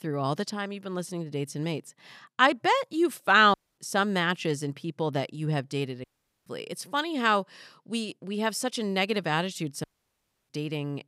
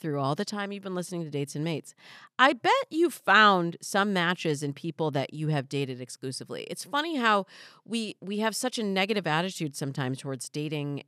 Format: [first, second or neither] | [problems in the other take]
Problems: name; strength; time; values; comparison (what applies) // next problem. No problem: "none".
second | audio cutting out; at 3.5 s, at 6 s and at 10 s for 0.5 s